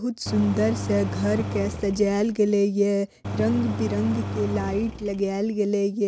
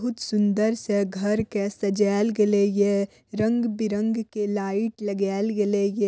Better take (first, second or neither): second